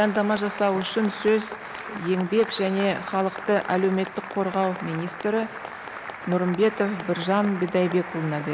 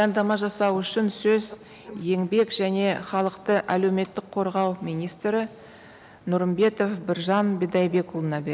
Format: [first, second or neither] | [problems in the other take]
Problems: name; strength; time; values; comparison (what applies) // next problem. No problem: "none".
second | background sound (Applause); 12 dB below the speech